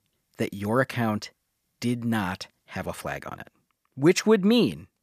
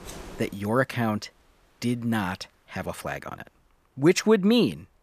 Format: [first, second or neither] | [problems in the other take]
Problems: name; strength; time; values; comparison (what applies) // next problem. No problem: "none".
first | wind noise on the microphone; occasional gusts; 25 dB below the speech